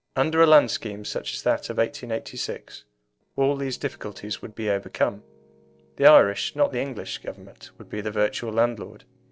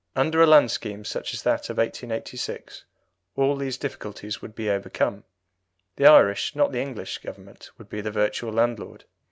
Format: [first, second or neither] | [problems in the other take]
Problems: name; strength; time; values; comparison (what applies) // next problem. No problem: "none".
second | noise reduction (neural separator model SepFormer DNS4)